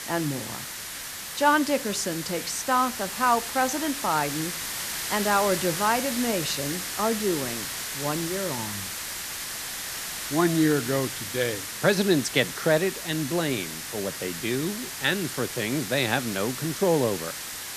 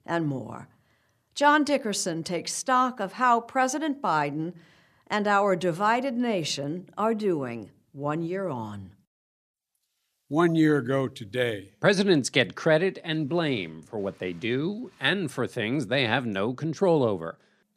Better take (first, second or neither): second